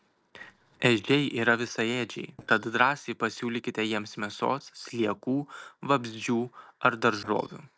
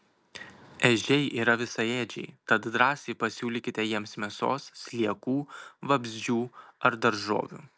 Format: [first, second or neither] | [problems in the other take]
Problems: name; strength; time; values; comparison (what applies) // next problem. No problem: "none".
second | noise reduction (neural separator model SepFormer DNS4)